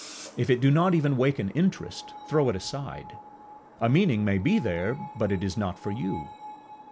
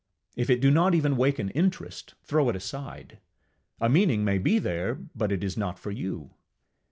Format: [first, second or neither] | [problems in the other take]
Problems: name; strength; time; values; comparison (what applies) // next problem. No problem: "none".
second | background sound (Screech); 18 dB below the speech